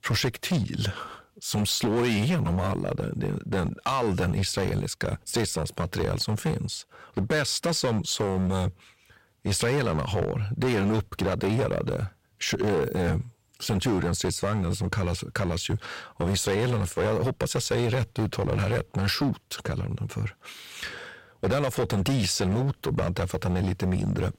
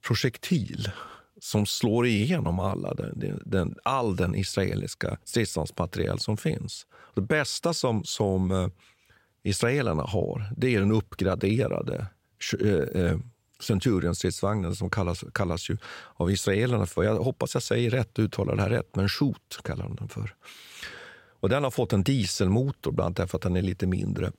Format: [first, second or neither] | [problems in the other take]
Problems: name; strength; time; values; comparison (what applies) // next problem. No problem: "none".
second | distortion; heavy; 13% of the sound clipped